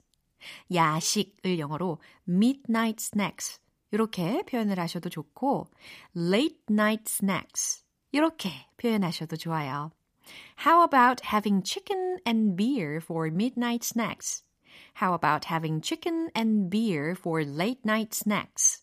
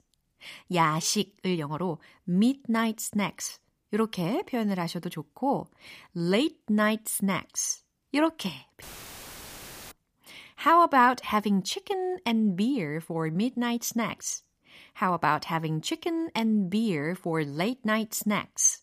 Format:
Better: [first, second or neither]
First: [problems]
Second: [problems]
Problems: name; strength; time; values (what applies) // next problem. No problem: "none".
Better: first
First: none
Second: audio cutting out; filled with static; at 9 s for 1 s